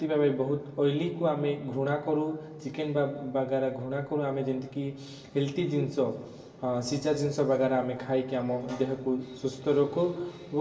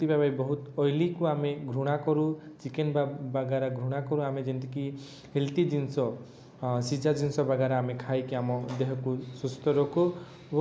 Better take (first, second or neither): second